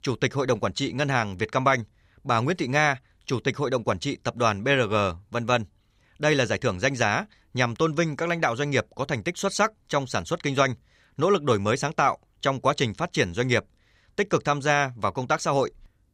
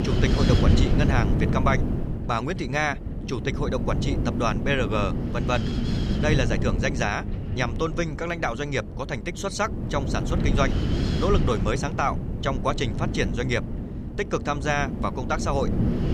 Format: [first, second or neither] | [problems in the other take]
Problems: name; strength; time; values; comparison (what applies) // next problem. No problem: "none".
first | wind noise on the microphone; heavy; 7 dB below the speech